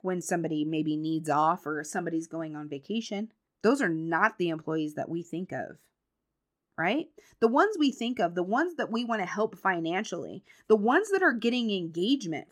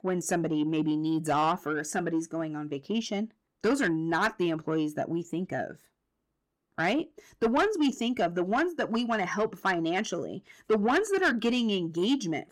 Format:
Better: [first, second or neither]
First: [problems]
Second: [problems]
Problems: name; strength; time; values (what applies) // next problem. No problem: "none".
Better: first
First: none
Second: distortion; slight; 10 dB below the speech